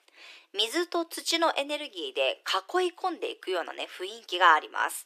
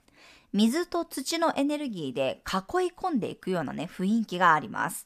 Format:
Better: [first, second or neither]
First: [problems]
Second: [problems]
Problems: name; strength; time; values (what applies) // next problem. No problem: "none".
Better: second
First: thin; very; fading below 350 Hz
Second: none